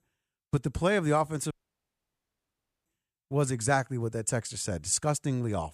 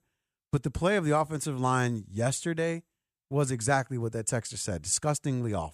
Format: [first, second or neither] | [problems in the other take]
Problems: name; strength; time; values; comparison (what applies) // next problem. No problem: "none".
second | audio cutting out; at 1.5 s for 1.5 s